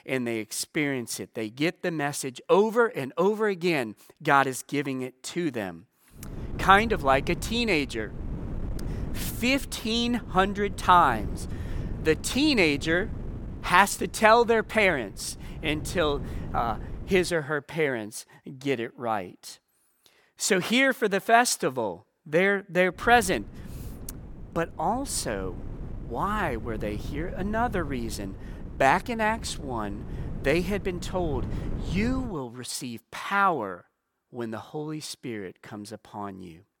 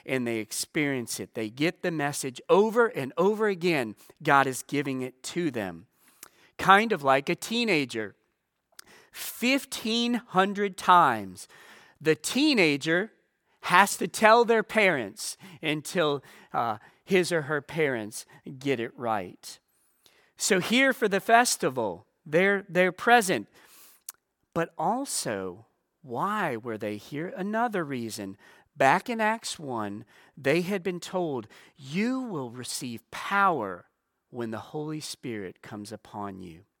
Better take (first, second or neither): second